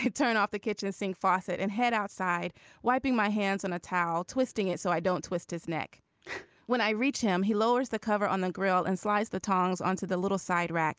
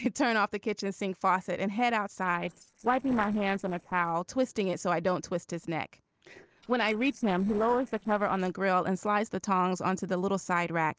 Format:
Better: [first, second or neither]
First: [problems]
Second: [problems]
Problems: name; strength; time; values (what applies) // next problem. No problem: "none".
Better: first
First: none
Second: noise reduction (neural separator model SepFormer DNS4)